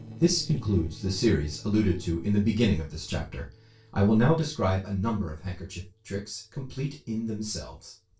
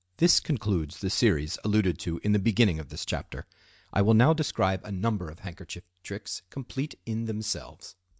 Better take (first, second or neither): second